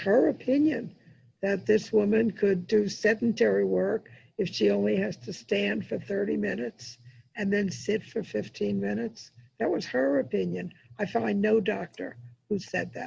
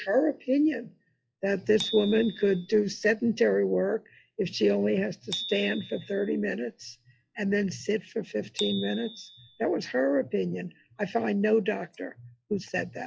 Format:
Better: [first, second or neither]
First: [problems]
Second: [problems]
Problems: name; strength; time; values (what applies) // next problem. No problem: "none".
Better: first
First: none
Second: noise reduction (classical method log-MMSE)